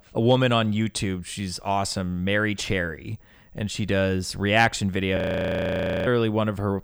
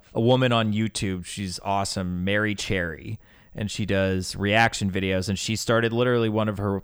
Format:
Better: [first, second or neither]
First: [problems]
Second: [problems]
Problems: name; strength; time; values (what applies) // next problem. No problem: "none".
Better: second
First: audio freezing; at 5 s for 1 s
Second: none